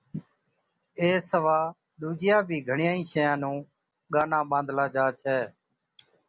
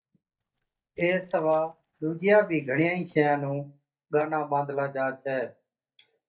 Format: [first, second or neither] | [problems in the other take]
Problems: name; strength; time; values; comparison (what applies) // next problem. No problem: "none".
first | noise reduction (neural mask model DeepFilterNet 3)